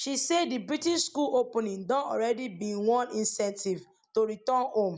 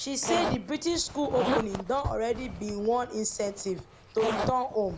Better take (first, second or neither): first